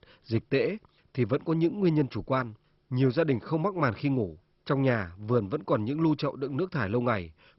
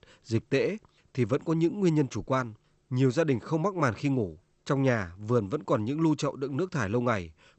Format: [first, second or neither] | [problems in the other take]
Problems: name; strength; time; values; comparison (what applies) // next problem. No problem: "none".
second | garbled, watery; badly; nothing above 5.5 kHz; slightly in the second